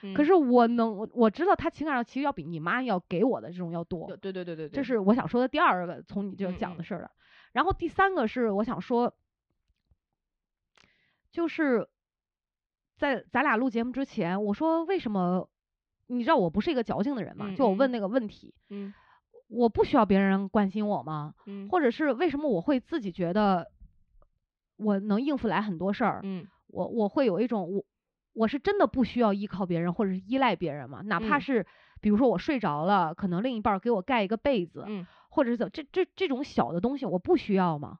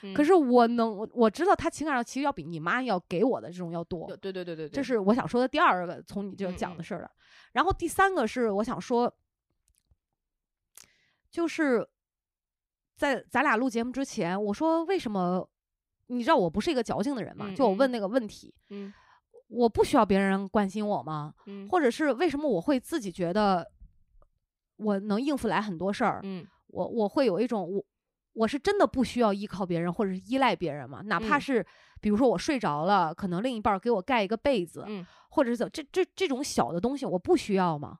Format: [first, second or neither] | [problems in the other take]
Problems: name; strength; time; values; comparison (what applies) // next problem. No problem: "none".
second | muffled; slightly; fading above 4 kHz